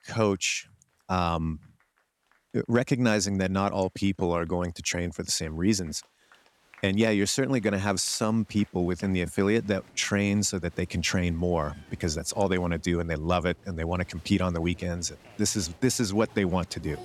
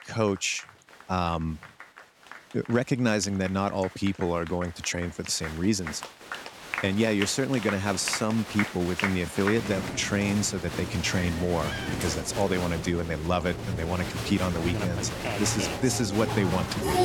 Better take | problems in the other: first | crowd noise; loud; throughout; 6 dB below the speech; faint in the first

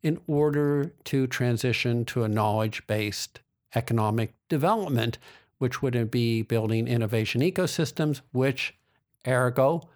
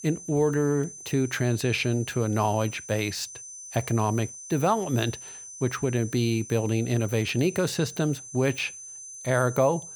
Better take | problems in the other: first | high-pitched whine; noticeable; throughout; 6 kHz, 15 dB below the speech

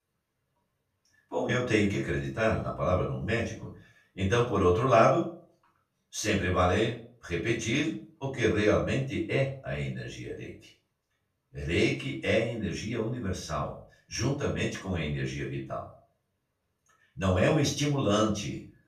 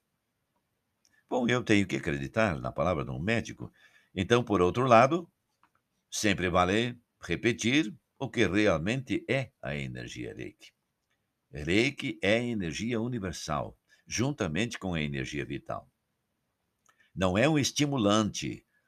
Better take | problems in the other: second | off-mic speech; far // room echo; slight; dies away in 0.3 s

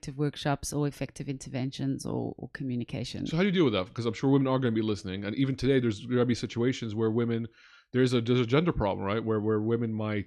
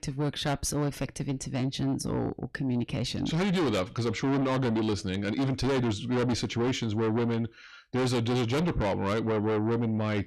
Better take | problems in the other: first | distortion; heavy; 6 dB below the speech

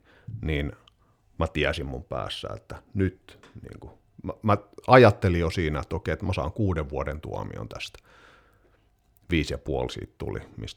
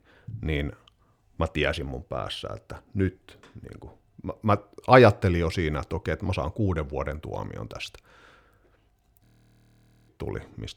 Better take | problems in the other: first | audio freezing; at 9.5 s for 1 s

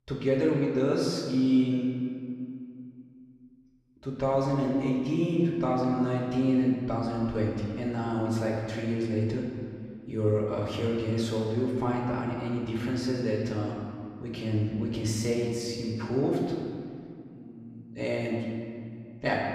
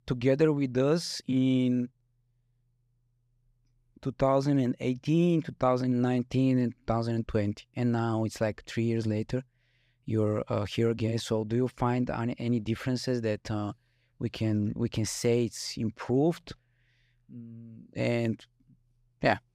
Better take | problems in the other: second | room echo; noticeable; dies away in 1.9 s // off-mic speech; far

